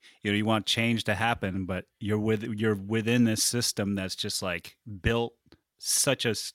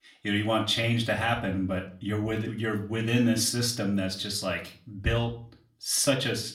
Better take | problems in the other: first | off-mic speech; far // room echo; very slight; dies away in 0.3 s

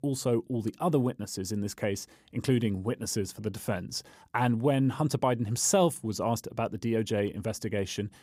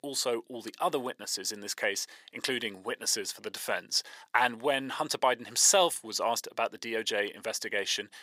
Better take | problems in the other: first | thin; very; fading below 600 Hz

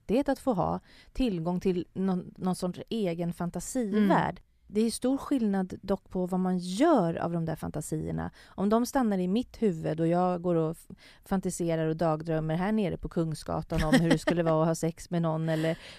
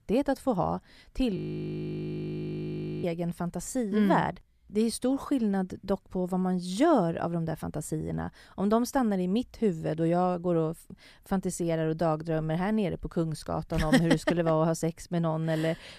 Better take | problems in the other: first | audio freezing; at 1.5 s for 1.5 s

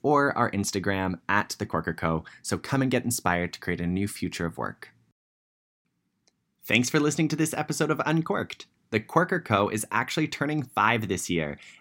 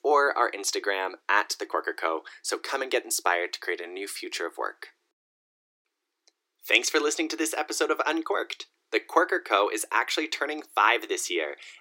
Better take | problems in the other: first | thin; very; fading below 350 Hz

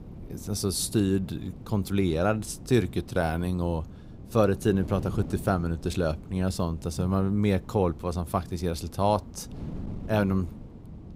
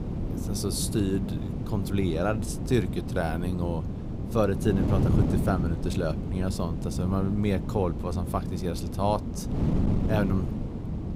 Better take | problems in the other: first | wind noise on the microphone; heavy; 6 dB below the speech; occasional gusts in the first

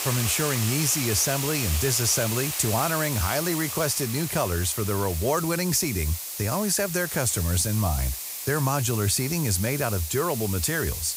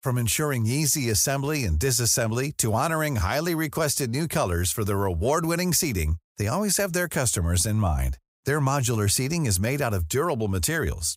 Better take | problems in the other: second | hiss; loud; throughout; 4 dB below the speech

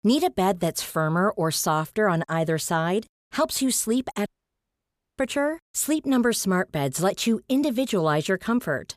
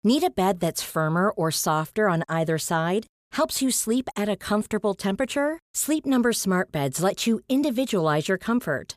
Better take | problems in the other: second | audio cutting out; at 4.5 s for 1 s

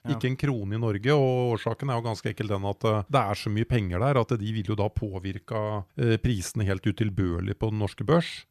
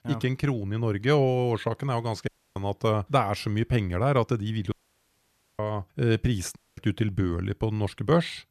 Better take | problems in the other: first | audio cutting out; at 2.5 s, at 4.5 s for 1 s and at 6.5 s

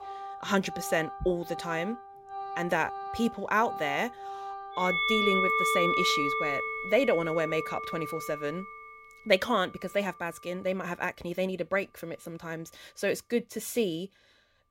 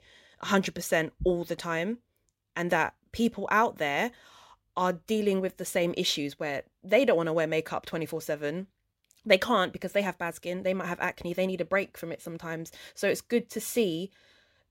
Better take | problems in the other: second | background music; loud; throughout; 1 dB below the speech

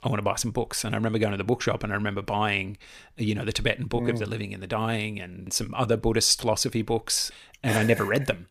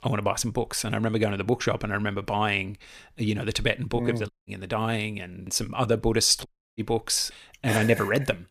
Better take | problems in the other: first | audio cutting out; at 4.5 s and at 6.5 s

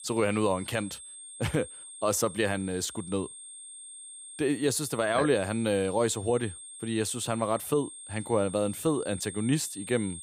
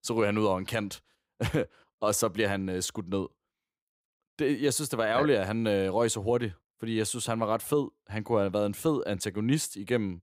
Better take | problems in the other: second | high-pitched whine; noticeable; throughout; 8.5 kHz, 10 dB below the speech

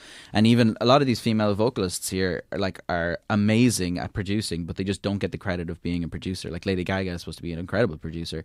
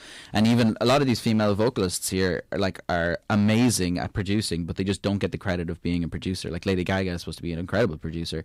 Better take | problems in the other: first | distortion; slight; 5% of the sound clipped

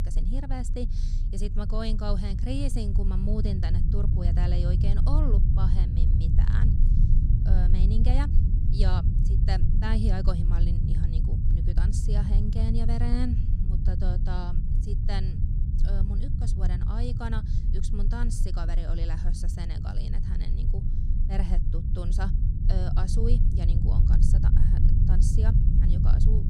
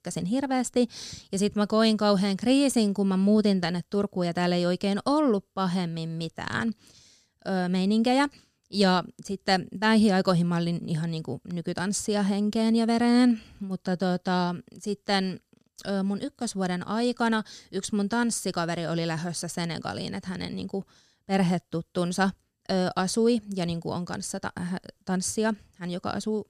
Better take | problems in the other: second | low rumble; loud; throughout; 2 dB below the speech

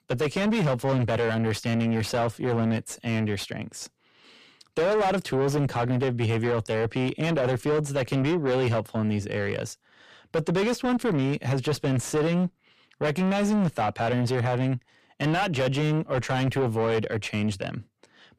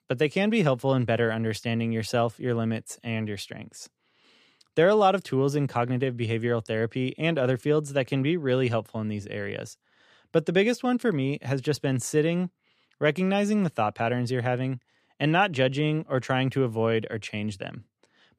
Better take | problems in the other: second | distortion; heavy; 6 dB below the speech

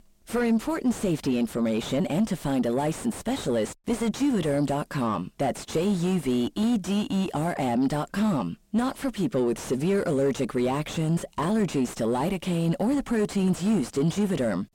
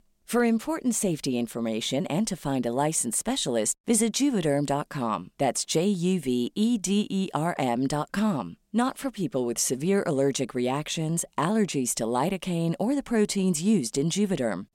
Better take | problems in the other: second | distortion; heavy; 6 dB below the speech

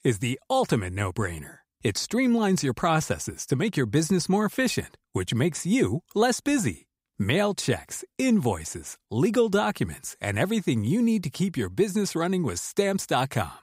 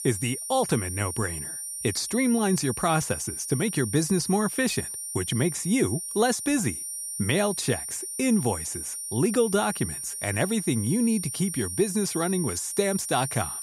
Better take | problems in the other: first | high-pitched whine; loud; throughout; 9 kHz, 5 dB below the speech

